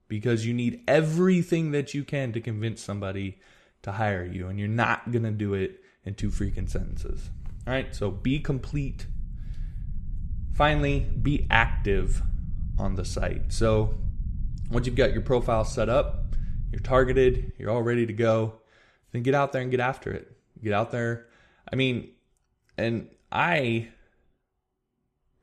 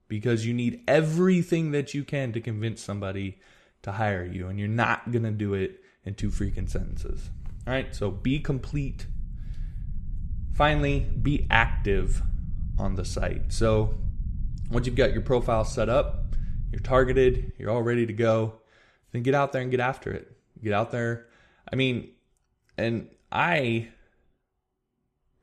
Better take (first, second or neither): neither